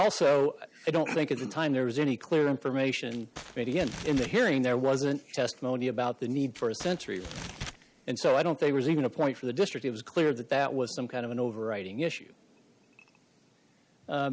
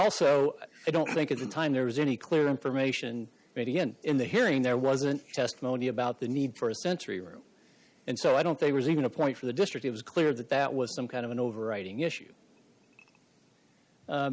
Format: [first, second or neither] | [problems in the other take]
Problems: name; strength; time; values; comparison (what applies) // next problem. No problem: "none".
second | background sound (Crumpling, crinkling); 14 dB below the speech